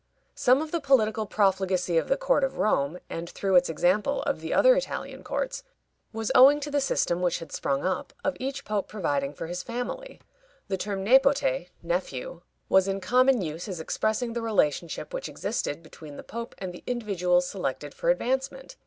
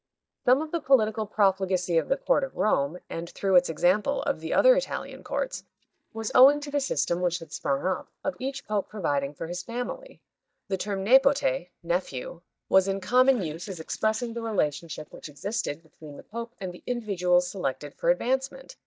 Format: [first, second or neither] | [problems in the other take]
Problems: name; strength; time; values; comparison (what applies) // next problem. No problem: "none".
first | noise reduction (neural mask model DeepFilterNet 3)